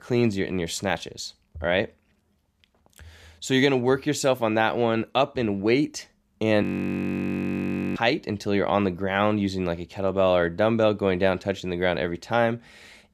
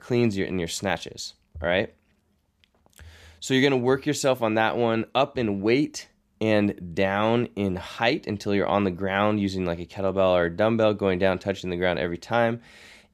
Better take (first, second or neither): second